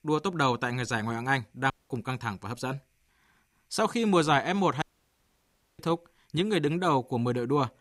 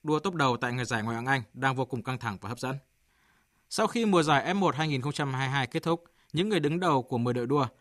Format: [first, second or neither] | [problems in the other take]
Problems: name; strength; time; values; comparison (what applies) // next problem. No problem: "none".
second | audio cutting out; at 1.5 s and at 5 s for 1 s